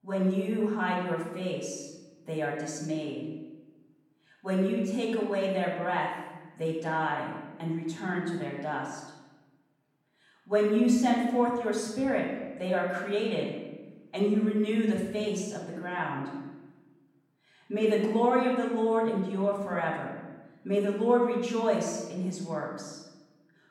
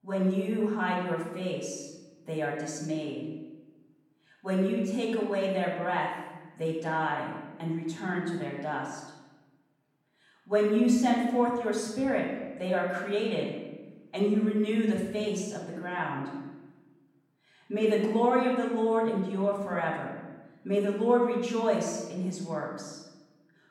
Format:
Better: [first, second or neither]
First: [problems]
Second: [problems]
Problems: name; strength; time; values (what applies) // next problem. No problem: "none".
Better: neither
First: off-mic speech; far // room echo; noticeable; dies away in 1 s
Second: off-mic speech; far // room echo; noticeable; dies away in 1 s